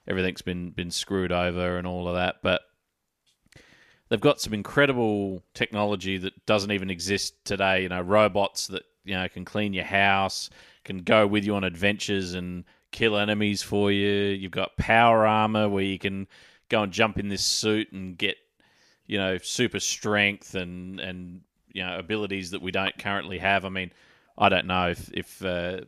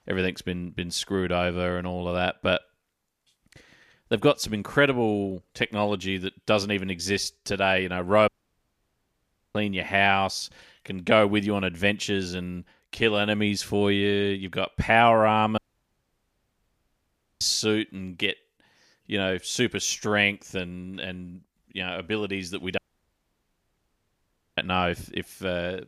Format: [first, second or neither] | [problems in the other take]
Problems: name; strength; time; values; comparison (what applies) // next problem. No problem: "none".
first | audio cutting out; at 8.5 s for 1.5 s, at 16 s for 2 s and at 23 s for 2 s